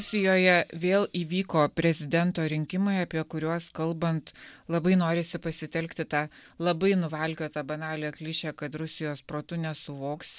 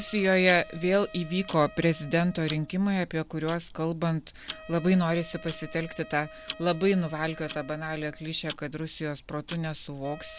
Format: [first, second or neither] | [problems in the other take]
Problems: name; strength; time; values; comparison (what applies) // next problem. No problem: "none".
first | background sound (Wind instrument, woodwind instrument + Tick-tock); 17 dB below the speech